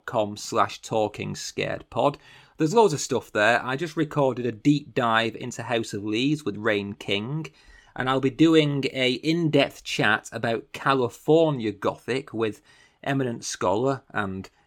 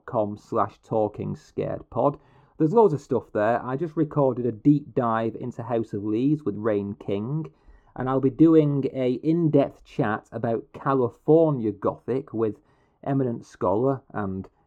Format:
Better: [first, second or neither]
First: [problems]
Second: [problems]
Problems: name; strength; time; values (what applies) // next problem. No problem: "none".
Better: first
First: none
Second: muffled; very; fading above 1.5 kHz